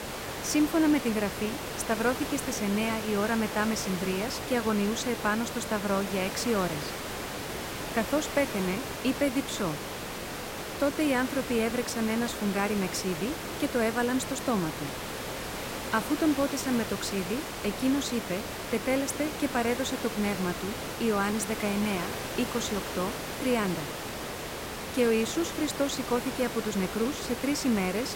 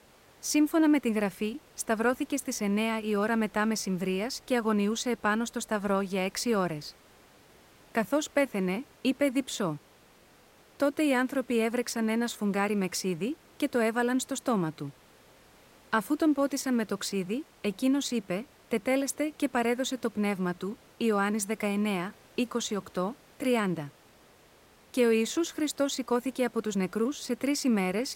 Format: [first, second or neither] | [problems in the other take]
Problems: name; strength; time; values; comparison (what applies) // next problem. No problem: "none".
second | hiss; loud; throughout; 5 dB below the speech; faint in the second